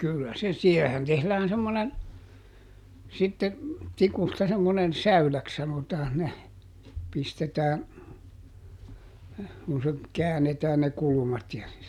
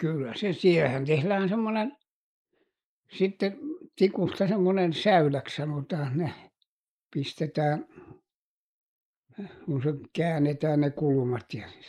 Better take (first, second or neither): first